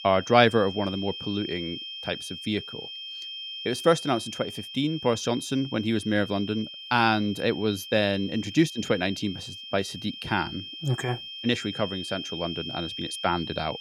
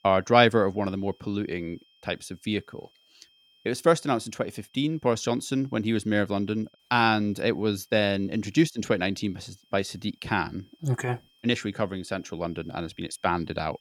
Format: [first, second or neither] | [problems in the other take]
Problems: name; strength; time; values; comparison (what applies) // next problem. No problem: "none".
second | high-pitched whine; loud; throughout; 3 kHz, 9 dB below the speech; faint in the second